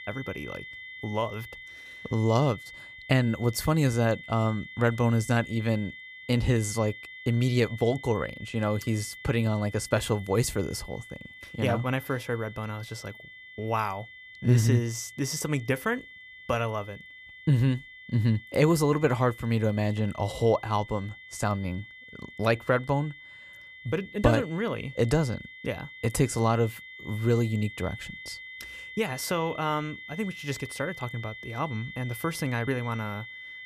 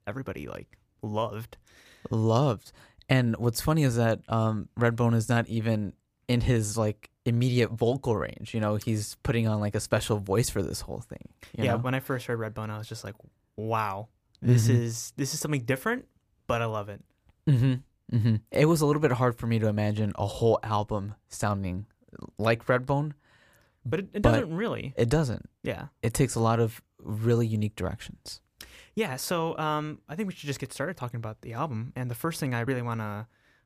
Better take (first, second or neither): second